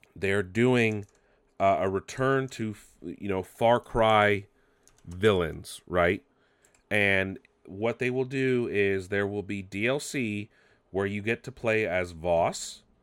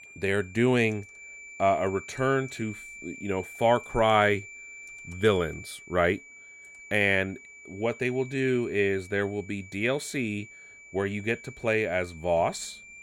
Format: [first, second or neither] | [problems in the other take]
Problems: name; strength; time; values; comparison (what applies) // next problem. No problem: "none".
first | high-pitched whine; noticeable; throughout; 2.5 kHz, 15 dB below the speech